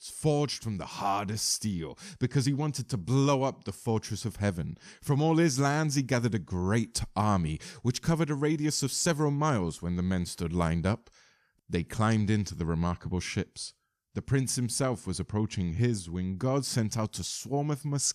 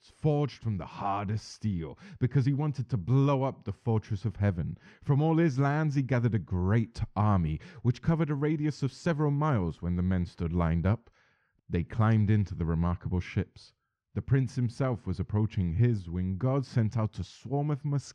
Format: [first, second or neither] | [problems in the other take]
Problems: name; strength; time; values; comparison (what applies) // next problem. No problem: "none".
first | muffled; slightly; fading above 2.5 kHz